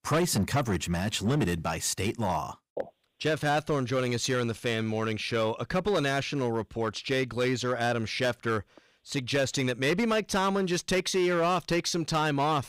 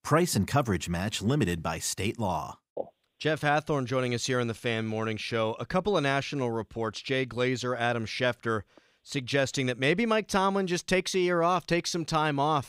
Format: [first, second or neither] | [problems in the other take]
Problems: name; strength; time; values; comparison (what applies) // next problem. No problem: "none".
second | distortion; slight; 8% of the sound clipped